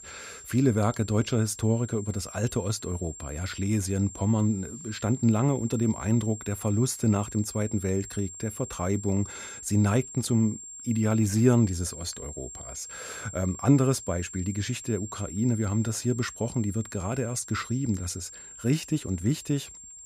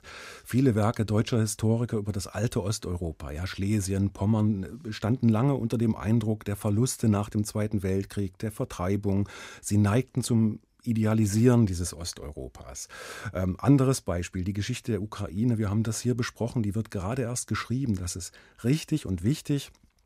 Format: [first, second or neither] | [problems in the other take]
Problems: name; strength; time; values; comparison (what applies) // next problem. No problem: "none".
second | high-pitched whine; noticeable; throughout; 7.5 kHz, 15 dB below the speech